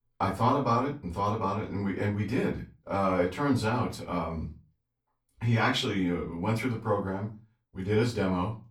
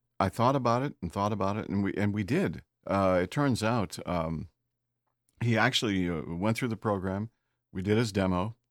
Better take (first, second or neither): second